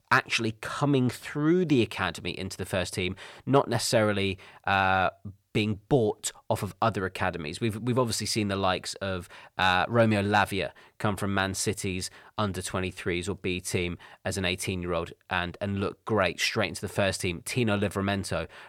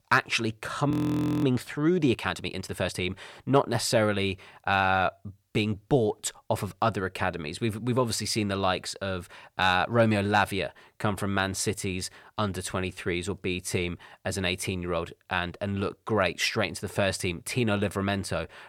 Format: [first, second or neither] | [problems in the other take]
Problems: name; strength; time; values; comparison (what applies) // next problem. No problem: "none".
first | audio freezing; at 1 s for 0.5 s